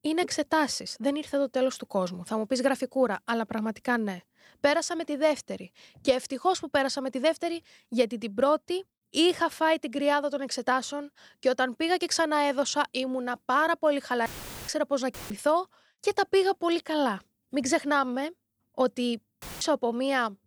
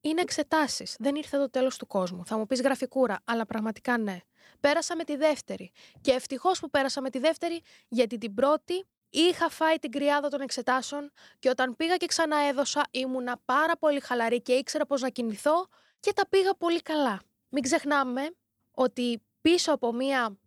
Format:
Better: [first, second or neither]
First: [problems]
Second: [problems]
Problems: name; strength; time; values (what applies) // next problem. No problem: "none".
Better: second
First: audio cutting out; filled with static; at 14 s, at 15 s and at 19 s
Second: none